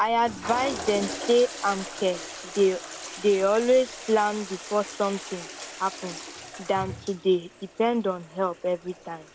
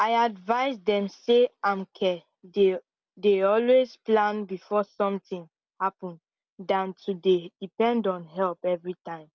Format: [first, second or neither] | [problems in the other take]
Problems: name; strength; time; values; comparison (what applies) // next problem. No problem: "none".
second | background sound (Toilet flush); 12 dB below the speech